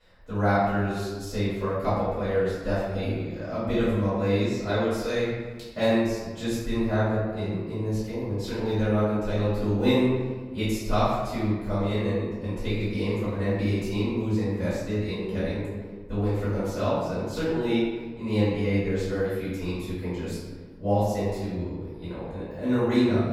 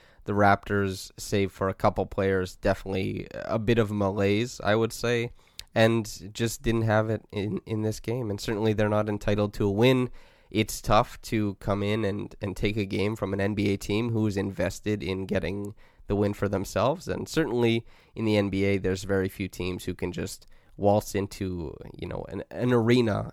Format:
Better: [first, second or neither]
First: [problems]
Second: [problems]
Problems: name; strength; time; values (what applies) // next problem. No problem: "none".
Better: second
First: off-mic speech; far // room echo; strong; dies away in 1.3 s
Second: none